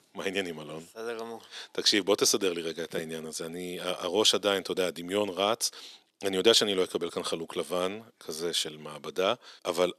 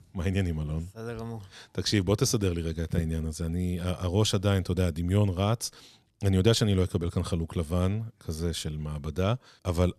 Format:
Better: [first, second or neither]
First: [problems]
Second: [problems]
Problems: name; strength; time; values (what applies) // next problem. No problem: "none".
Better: second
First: thin; very; fading below 350 Hz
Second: none